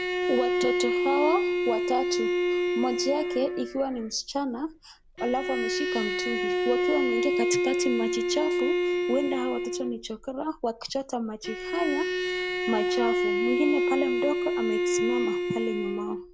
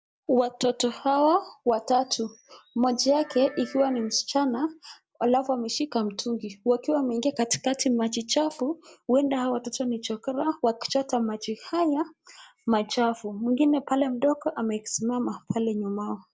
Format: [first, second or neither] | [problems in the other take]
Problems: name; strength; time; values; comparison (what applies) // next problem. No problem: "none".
second | background sound (Bowed string instrument); 3 dB above the speech